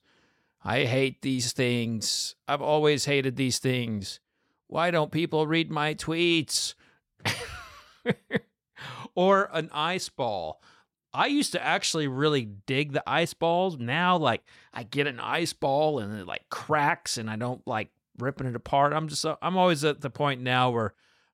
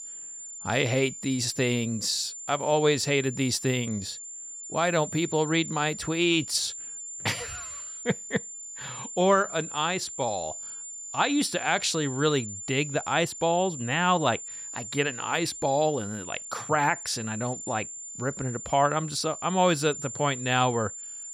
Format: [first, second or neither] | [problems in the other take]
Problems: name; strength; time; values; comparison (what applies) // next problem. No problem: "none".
first | high-pitched whine; loud; throughout; 7 kHz, 9 dB below the speech